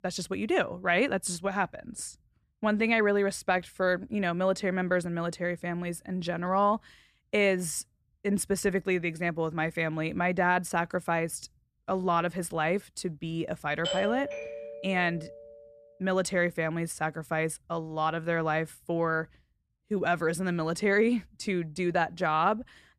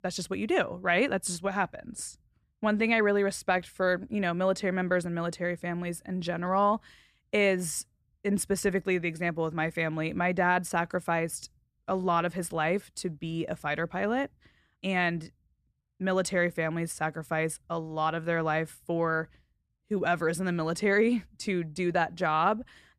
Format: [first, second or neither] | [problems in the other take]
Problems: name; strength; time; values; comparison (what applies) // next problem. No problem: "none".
second | doorbell; noticeable; from 14 to 15 s; peak 2 dB below the speech